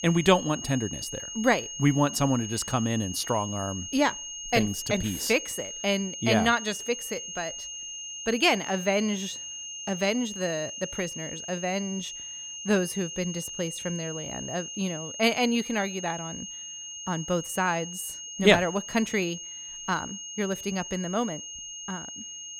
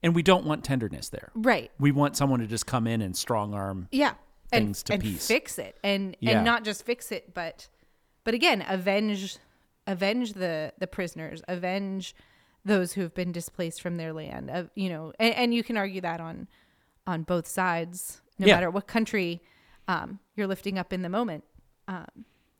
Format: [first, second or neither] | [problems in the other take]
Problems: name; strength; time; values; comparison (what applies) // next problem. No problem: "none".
second | high-pitched whine; loud; throughout; 6.5 kHz, 8 dB below the speech